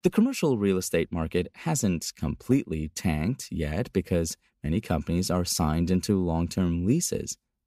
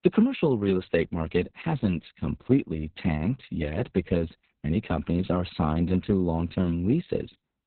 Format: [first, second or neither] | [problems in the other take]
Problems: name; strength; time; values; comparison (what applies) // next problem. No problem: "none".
first | garbled, watery; badly; nothing above 4 kHz